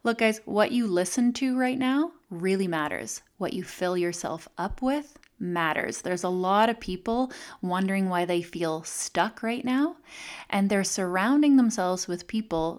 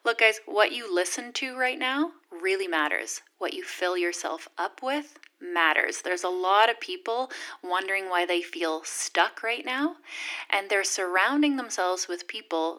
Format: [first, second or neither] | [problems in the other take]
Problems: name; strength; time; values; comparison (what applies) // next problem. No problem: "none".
first | thin; somewhat; fading below 300 Hz